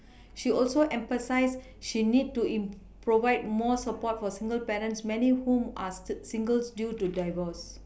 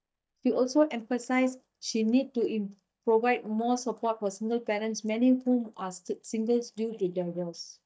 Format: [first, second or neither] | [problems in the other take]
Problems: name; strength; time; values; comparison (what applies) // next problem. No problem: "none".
first | noise reduction (neural mask model DeepFilterNet 3)